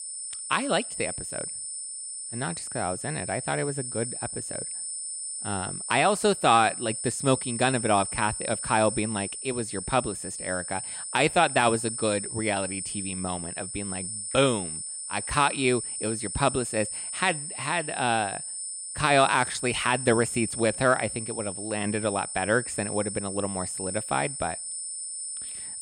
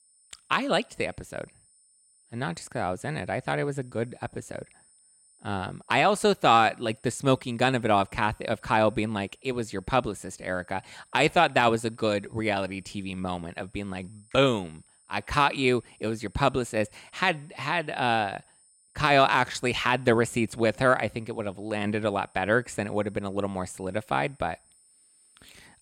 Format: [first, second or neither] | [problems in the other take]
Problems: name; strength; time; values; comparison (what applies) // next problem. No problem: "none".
second | high-pitched whine; loud; throughout; 9 kHz, 5 dB below the speech; faint in the second